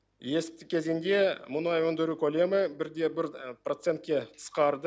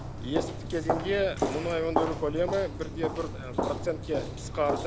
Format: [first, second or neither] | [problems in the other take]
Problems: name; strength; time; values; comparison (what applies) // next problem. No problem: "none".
first | background sound (Walk, footsteps); 2 dB below the speech